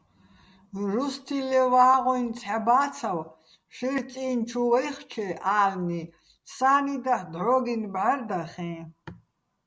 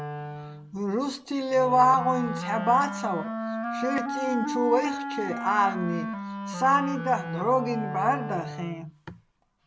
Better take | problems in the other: first | background sound (Wind instrument, woodwind instrument); 7 dB below the speech

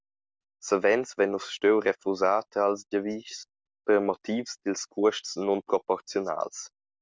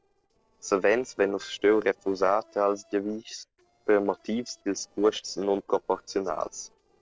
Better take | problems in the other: first | noise reduction (neural separator model SepFormer DNS4)

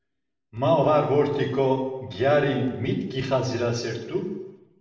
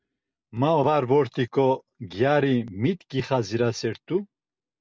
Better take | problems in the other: second | room echo; dies away in 0.9 s

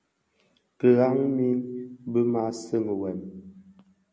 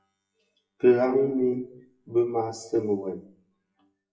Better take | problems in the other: first | noise reduction (classical method WPE with log-MMSE)

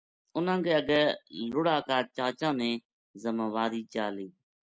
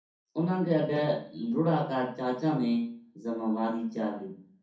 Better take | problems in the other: first | room echo; dies away in 0.6 s

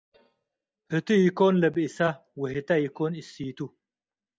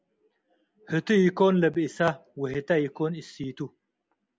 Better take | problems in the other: second | noise reduction (neural mask model DeepFilterNet 3)

